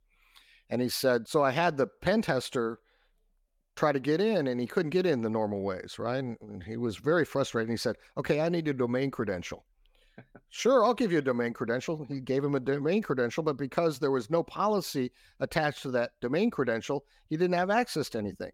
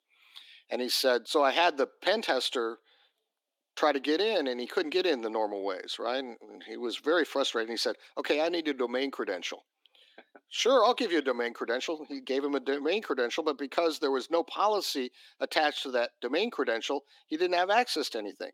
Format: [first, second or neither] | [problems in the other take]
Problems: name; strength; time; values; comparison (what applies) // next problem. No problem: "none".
first | thin; very slightly; fading below 300 Hz